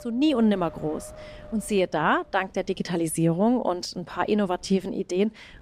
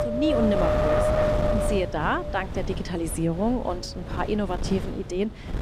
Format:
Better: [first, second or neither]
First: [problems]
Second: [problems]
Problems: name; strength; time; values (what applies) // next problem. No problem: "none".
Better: first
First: wind noise on the microphone; occasional gusts; 20 dB below the speech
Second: wind noise on the microphone; heavy; 4 dB above the speech